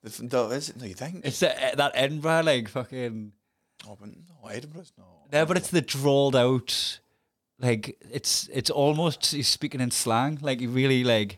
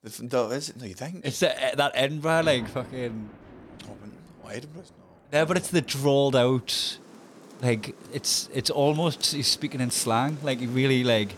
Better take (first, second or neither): first